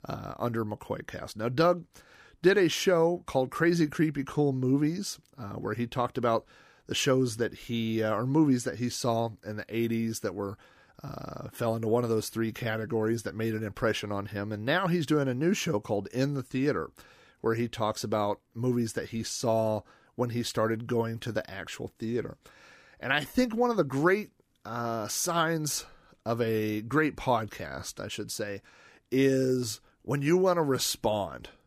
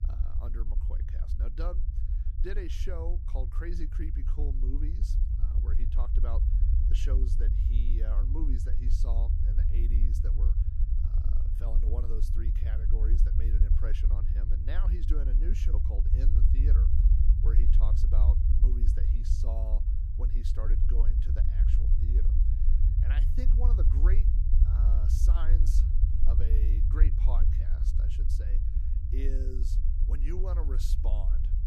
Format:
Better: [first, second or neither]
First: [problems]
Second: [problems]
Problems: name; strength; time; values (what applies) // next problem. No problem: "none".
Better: first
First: none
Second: low rumble; loud; throughout; 2 dB below the speech